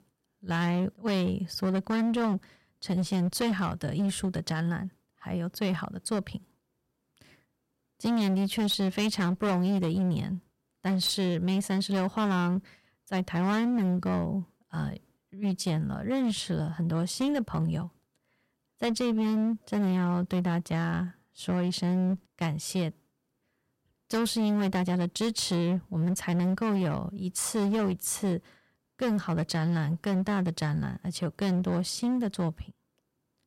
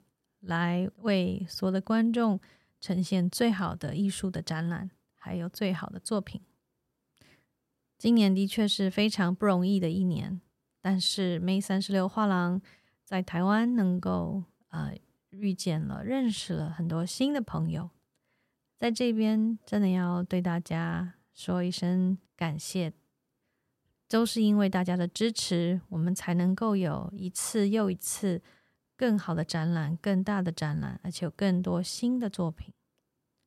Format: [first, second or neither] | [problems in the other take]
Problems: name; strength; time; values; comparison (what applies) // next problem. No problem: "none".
second | distortion; slight; 16% of the sound clipped